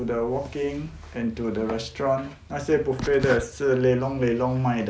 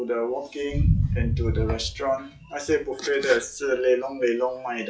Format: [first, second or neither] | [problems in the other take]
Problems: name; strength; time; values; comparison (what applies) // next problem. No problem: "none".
first | noise reduction (classical method WPE with log-MMSE)